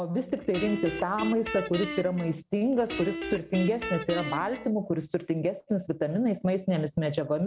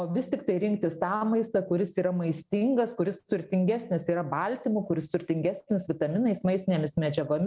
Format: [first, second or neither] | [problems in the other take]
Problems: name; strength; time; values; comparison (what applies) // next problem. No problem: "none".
second | background sound (Guitar); 8 dB below the speech